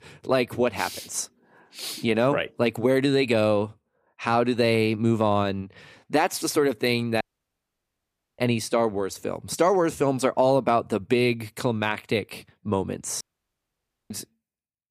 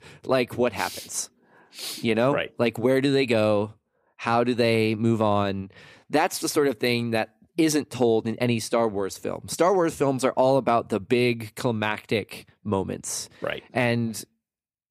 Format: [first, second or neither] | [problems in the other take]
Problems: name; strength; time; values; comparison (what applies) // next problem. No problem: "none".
second | audio cutting out; at 7 s for 1 s and at 13 s for 1 s